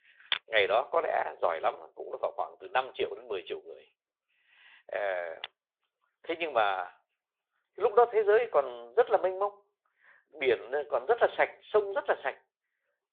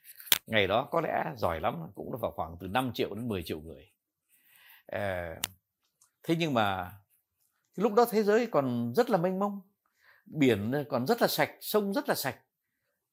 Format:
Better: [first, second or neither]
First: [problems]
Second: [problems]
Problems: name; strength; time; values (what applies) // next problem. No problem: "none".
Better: second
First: phone-call audio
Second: none